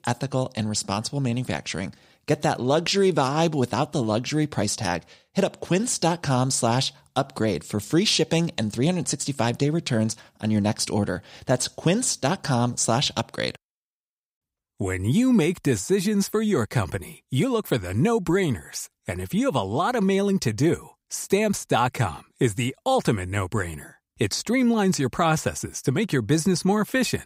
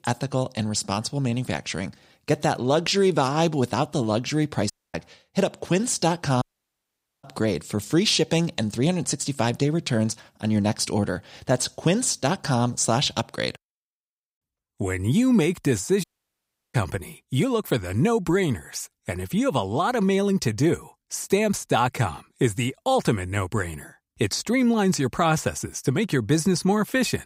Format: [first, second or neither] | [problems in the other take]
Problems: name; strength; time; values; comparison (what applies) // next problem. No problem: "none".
first | audio cutting out; at 4.5 s, at 6.5 s for 1 s and at 16 s for 0.5 s